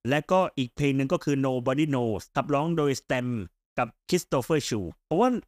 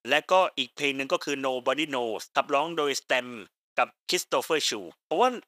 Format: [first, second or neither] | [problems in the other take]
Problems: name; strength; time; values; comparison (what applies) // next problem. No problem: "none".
first | thin; somewhat; fading below 550 Hz